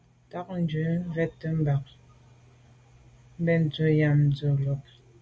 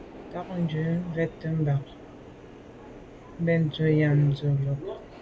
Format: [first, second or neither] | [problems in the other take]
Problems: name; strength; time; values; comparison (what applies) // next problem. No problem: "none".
first | background sound (Subway, metro, underground); 15 dB below the speech